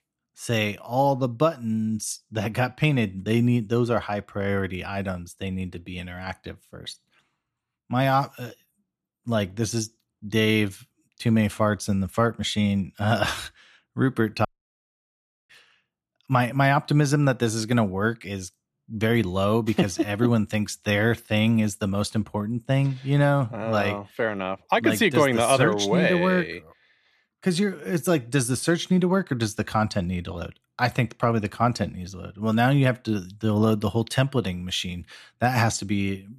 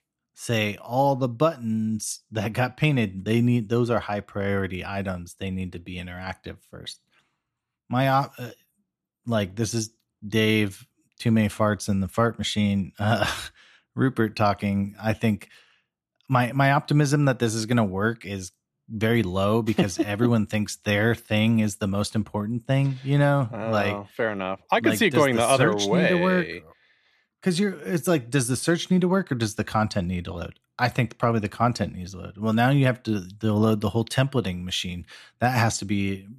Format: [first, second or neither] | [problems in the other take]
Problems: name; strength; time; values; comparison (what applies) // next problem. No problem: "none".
second | audio cutting out; at 14 s for 1 s